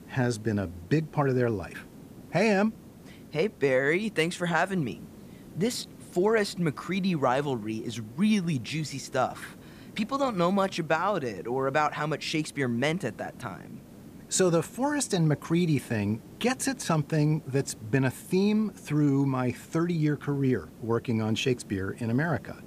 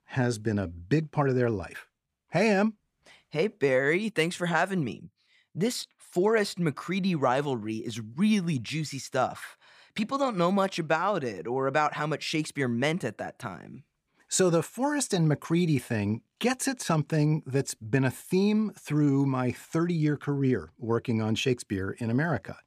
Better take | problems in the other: second | hiss; faint; throughout; 20 dB below the speech

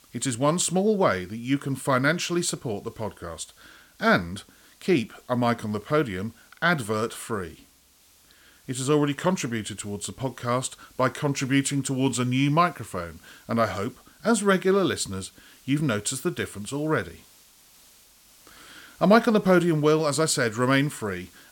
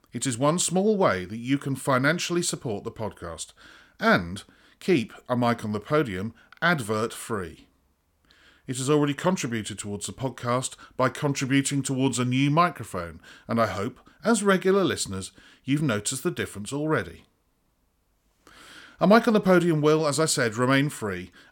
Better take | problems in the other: second | hiss; faint; throughout; 30 dB below the speech

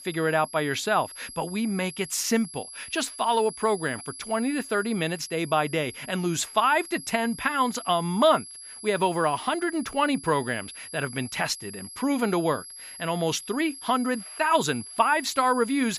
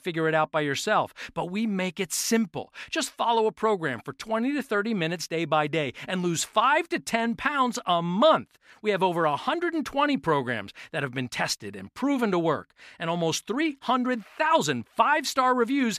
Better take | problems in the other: second | high-pitched whine; noticeable; throughout; 11 kHz, 15 dB below the speech

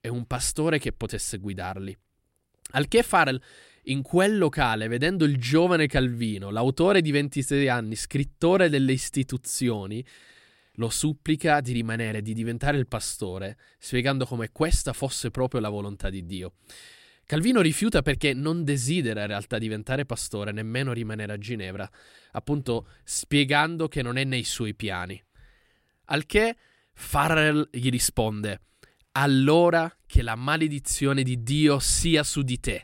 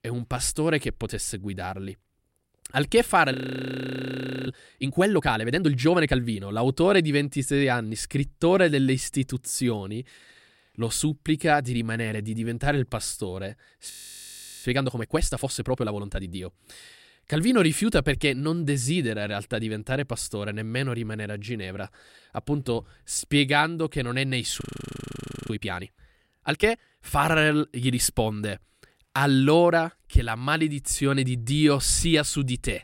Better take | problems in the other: first | audio freezing; at 3.5 s for 1 s, at 14 s for 0.5 s and at 25 s for 1 s

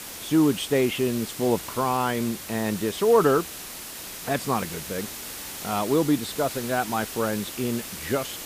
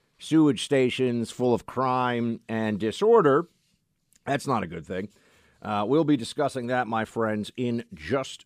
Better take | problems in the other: second | hiss; loud; throughout; 9 dB below the speech

